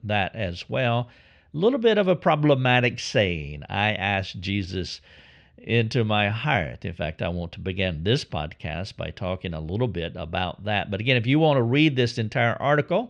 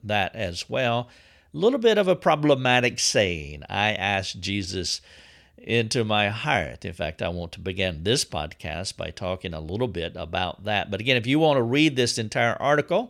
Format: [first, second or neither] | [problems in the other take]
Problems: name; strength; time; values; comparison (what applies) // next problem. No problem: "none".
second | muffled; slightly; fading above 3 kHz